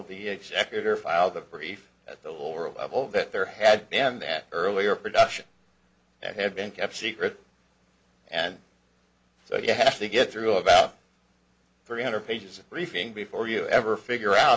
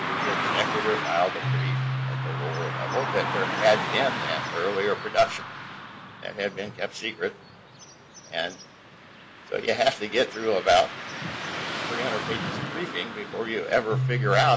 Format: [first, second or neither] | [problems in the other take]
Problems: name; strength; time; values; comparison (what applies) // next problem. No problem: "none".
first | background sound (Keyboard (musical) + Car passing by / Traffic noise, roadway noise); 3 dB below the speech